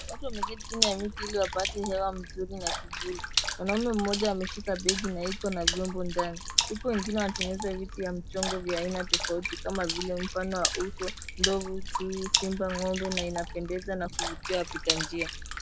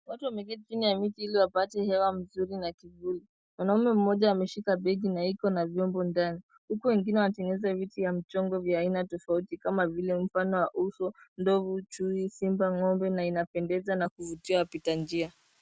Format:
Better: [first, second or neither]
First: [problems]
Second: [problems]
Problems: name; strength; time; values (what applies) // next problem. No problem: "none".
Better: second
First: background sound (Water / Splash, splatter); 1 dB below the speech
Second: none